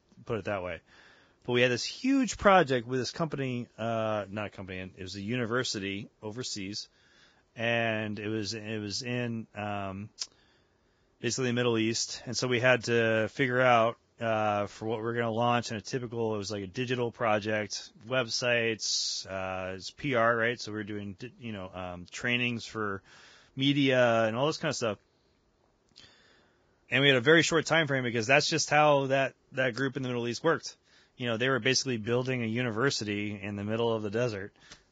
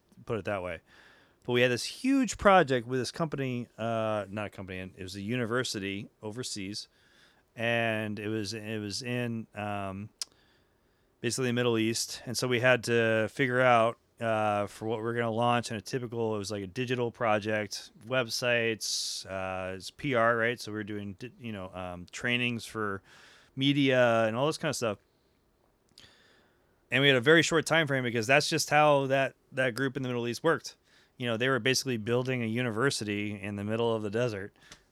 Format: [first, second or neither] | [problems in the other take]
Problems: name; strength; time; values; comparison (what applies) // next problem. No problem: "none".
second | garbled, watery; badly; nothing above 7.5 kHz